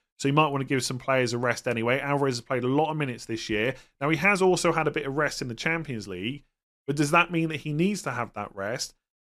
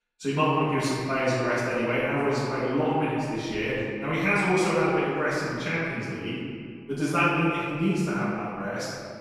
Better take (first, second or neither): first